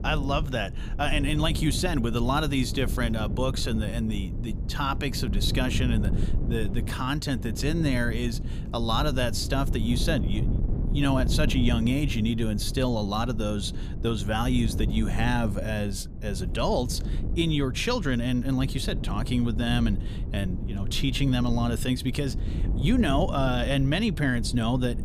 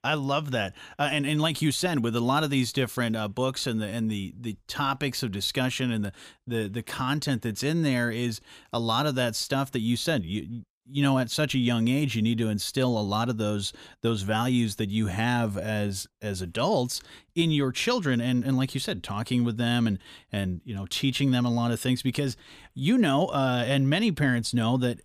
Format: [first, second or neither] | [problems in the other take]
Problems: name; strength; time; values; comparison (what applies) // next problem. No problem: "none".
second | wind noise on the microphone; occasional gusts; 15 dB below the speech